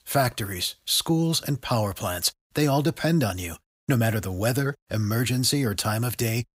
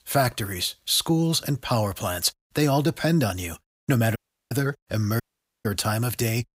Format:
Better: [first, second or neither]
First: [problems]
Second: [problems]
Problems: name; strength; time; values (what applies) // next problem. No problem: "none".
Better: first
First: none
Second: audio cutting out; at 4 s and at 5 s